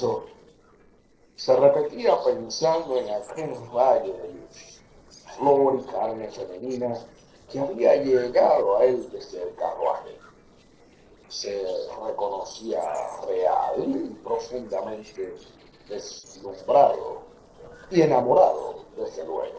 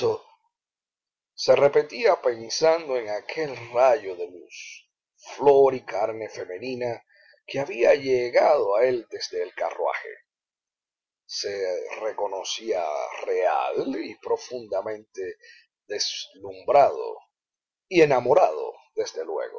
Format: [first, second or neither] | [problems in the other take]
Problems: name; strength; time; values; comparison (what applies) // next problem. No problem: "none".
second | noise reduction (neural separator model SepFormer DNS4)